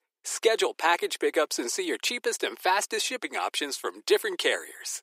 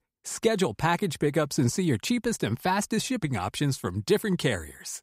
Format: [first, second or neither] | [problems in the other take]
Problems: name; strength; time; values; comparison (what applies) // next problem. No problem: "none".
second | thin; very; fading below 350 Hz